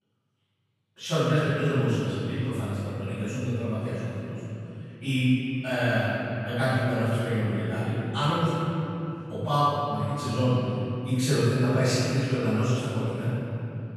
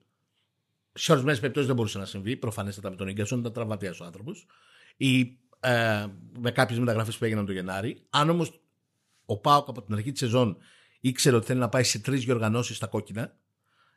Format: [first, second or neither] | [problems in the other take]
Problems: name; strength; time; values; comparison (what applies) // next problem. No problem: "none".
second | room echo; strong; dies away in 3 s // off-mic speech; far